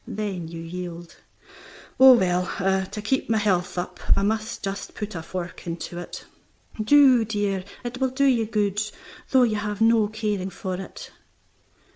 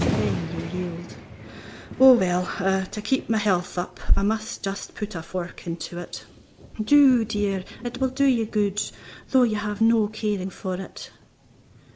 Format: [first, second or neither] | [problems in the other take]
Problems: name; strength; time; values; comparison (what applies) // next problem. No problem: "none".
first | background sound (Thunder); 13 dB below the speech